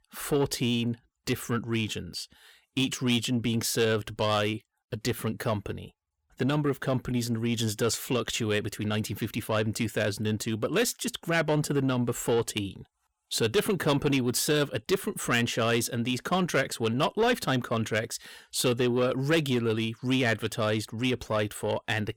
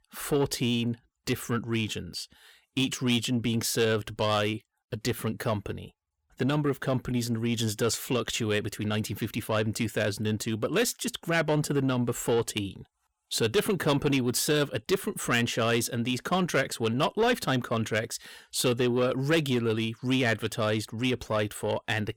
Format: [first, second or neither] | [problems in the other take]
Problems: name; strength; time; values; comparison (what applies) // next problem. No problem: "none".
neither | distortion; slight; 10 dB below the speech; the same in both